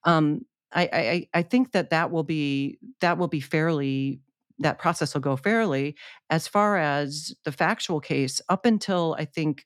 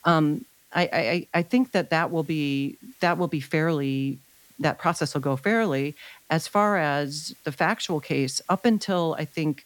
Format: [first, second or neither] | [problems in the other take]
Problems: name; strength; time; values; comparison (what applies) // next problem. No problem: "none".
first | hiss; faint; throughout; 30 dB below the speech